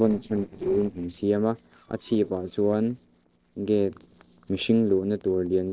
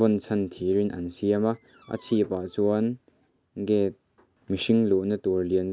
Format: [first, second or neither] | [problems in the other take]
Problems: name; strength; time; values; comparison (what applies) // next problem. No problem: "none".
second | noise reduction (neural separator model SepFormer DNS4)